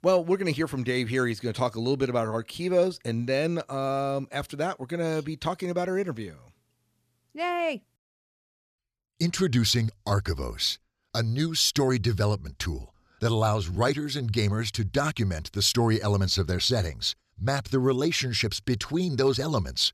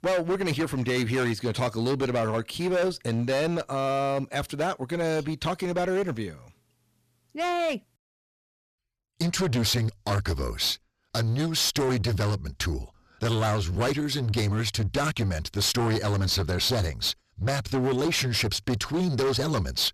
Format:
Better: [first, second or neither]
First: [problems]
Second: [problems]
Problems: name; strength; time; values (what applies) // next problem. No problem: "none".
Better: first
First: none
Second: distortion; heavy; 19% of the sound clipped